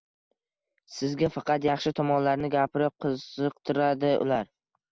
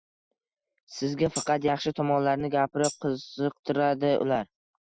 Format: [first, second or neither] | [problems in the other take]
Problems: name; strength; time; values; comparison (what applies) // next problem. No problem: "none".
first | noise reduction (classical method Wiener filter)